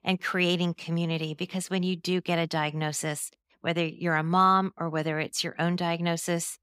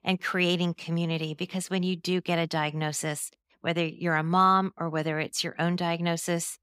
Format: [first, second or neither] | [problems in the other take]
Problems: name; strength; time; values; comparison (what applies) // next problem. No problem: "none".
neither | none